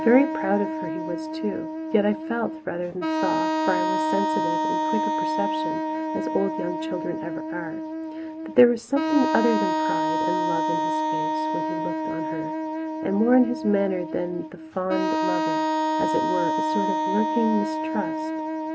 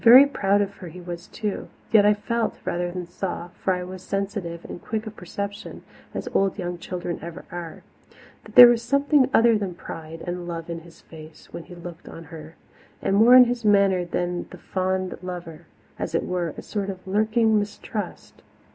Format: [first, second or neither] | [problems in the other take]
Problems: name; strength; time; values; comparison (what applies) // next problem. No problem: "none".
second | background sound (Wind instrument, woodwind instrument); as loud as the speech